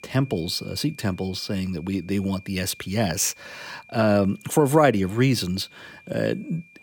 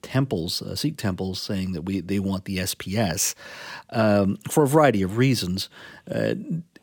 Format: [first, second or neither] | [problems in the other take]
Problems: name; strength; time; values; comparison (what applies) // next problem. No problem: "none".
second | high-pitched whine; faint; throughout; 2.5 kHz, 25 dB below the speech